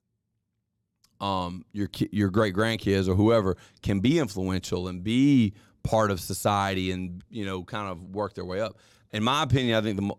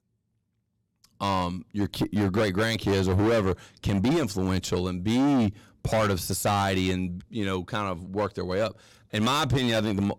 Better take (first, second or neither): first